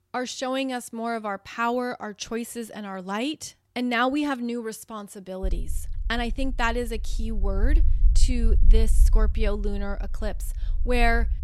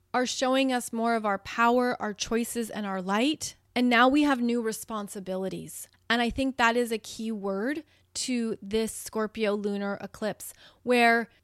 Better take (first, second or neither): second